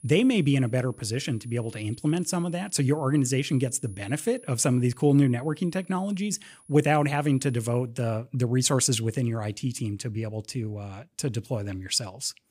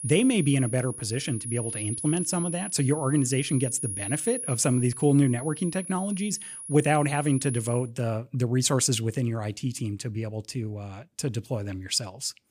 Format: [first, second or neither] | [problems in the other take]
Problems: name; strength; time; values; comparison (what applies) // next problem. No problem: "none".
first | high-pitched whine; loud; until 8 s; 10.5 kHz, 7 dB below the speech; faint in the first